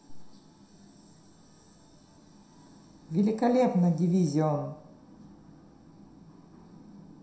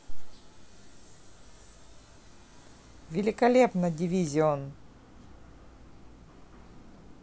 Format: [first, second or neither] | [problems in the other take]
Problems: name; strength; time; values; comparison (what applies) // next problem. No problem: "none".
second | room echo; dies away in 0.7 s